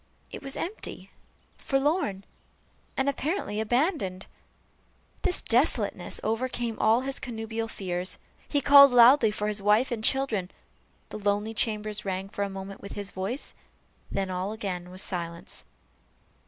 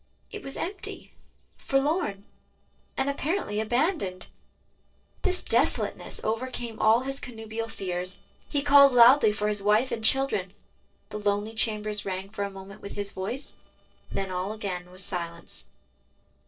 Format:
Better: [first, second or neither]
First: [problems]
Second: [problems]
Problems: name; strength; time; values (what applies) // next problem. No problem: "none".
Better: first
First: none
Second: noise reduction (neural separator model SepFormer DNS4)